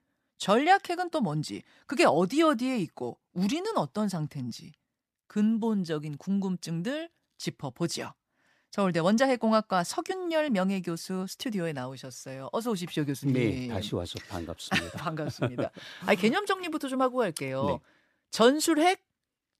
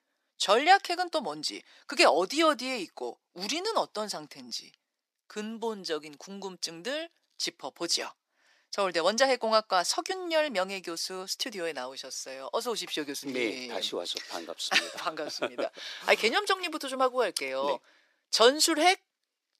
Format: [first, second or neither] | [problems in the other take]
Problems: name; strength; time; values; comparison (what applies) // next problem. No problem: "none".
first | thin; somewhat; fading below 400 Hz